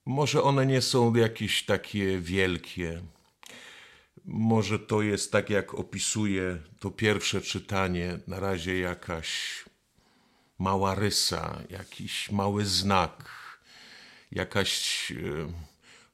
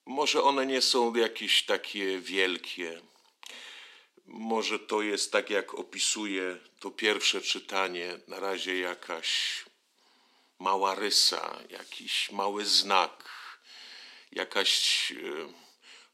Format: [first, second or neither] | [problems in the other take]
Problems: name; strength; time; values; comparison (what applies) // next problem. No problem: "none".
first | thin; somewhat; fading below 250 Hz